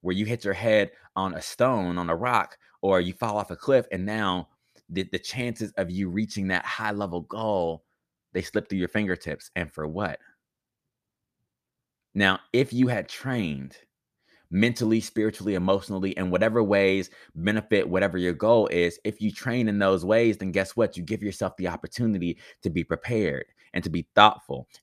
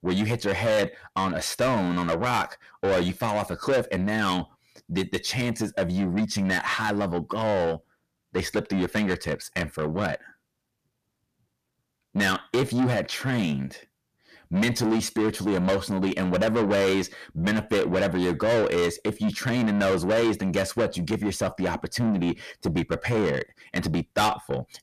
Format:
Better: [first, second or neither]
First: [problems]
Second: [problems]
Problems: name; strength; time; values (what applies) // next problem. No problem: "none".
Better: first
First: none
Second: distortion; heavy; 6 dB below the speech